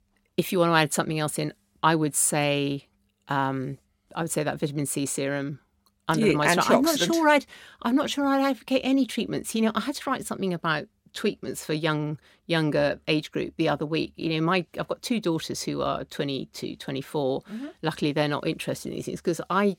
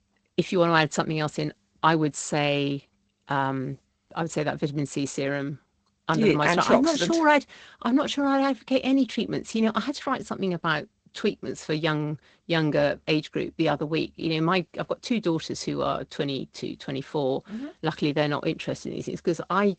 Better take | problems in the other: first | garbled, watery; slightly; nothing above 8 kHz

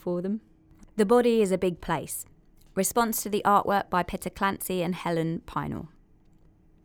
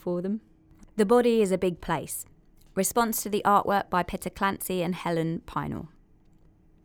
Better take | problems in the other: neither | none

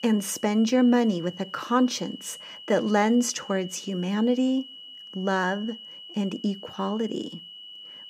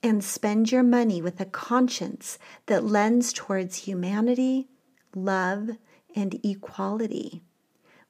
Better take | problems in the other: second | high-pitched whine; noticeable; throughout; 3 kHz, 15 dB below the speech

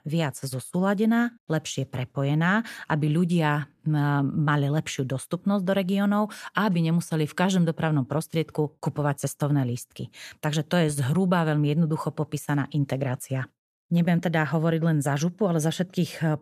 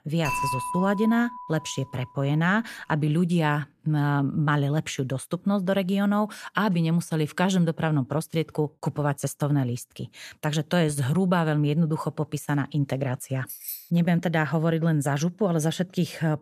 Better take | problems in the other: first | clattering dishes; noticeable; until 2 s; peak 2 dB below the speech // jangling keys; noticeable; at 13 s; peak 9 dB below the speech

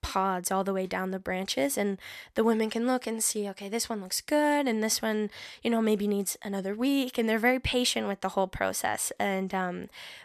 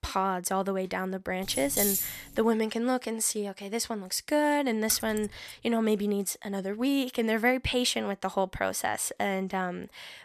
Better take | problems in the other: first | jangling keys; loud; at 1.5 s; peak 3 dB above the speech // jangling keys; noticeable; at 5 s; peak 3 dB below the speech

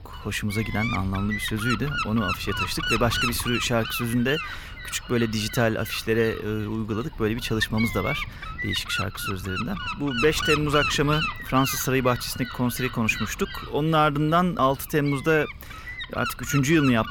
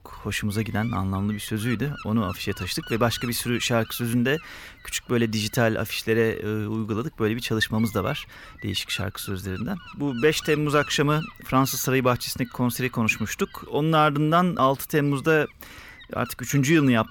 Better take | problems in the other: second | wind noise on the microphone; heavy; 3 dB below the speech; occasional gusts in the second

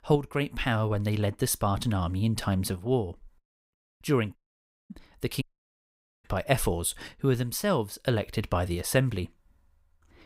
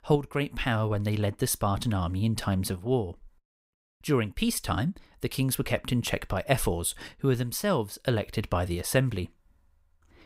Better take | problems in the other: second | audio cutting out; at 4.5 s for 0.5 s and at 5.5 s for 1 s

